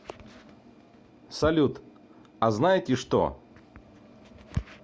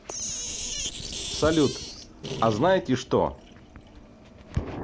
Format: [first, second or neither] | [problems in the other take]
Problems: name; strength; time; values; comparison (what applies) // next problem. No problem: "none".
first | background sound (Sink (filling or washing)); 8 dB below the speech